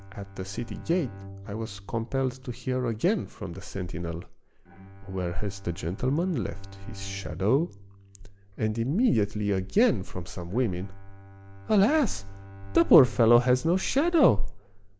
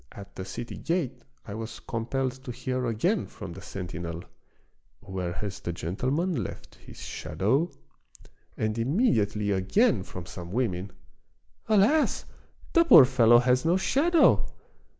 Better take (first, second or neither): second